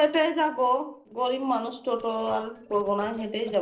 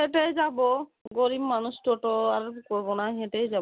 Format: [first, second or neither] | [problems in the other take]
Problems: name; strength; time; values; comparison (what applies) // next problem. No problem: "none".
second | noise reduction (neural separator model SepFormer DNS4)